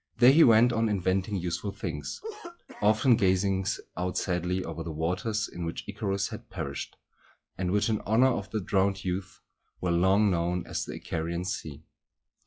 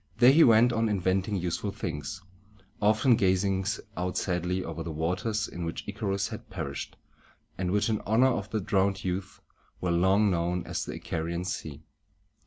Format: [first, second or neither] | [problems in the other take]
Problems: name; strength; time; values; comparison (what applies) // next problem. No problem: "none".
second | noise reduction (classical method log-MMSE)